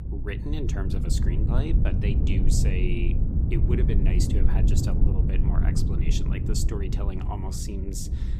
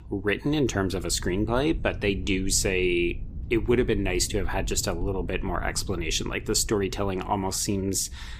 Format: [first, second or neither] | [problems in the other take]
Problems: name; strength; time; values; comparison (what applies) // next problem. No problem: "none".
second | low rumble; loud; throughout; 2 dB below the speech; faint in the second